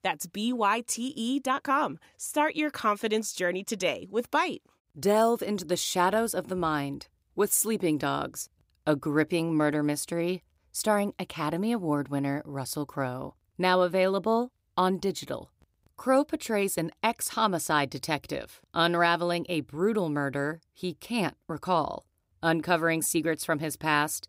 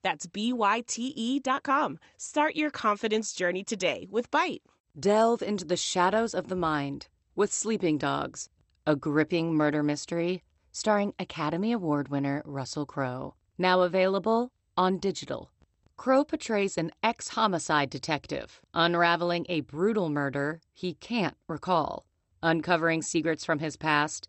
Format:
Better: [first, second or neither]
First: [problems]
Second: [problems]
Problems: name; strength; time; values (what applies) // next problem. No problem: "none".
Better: first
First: none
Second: garbled, watery; slightly; nothing above 8 kHz